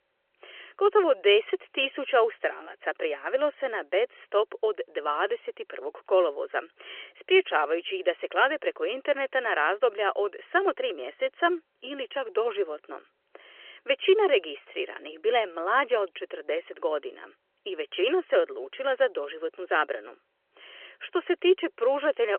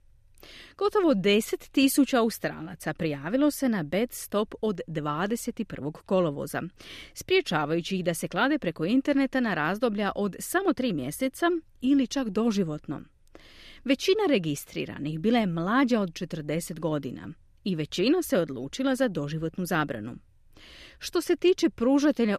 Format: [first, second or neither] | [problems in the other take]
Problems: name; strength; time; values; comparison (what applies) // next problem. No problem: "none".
second | phone-call audio; nothing above 3 kHz